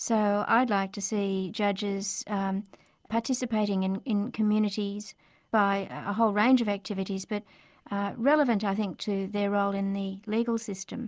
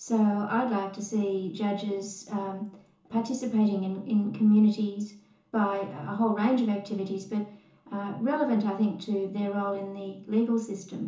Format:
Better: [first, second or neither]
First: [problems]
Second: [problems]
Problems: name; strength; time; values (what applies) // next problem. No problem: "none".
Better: first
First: none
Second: room echo; dies away in 0.7 s